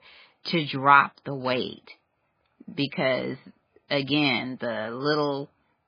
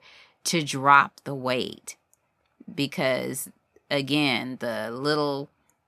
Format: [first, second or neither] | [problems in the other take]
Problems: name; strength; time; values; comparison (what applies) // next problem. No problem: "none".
second | garbled, watery; badly; nothing above 5 kHz